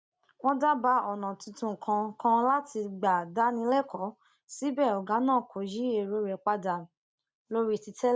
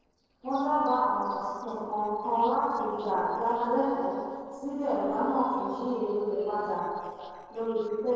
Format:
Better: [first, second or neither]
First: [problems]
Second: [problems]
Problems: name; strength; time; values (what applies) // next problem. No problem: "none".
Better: first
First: none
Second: noise reduction (neural separator model SepFormer DNS4)